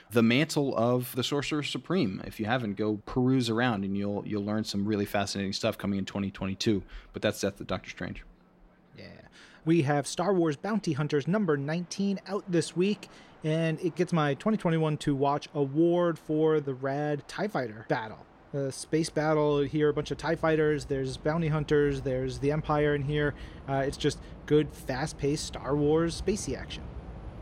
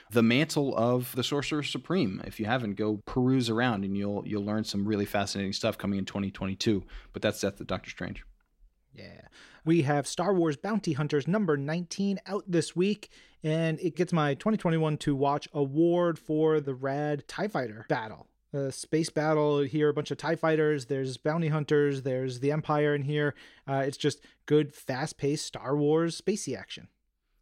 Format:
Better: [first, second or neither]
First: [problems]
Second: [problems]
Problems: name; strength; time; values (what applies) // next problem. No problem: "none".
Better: second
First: train or aircraft noise; noticeable; throughout; 20 dB below the speech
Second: none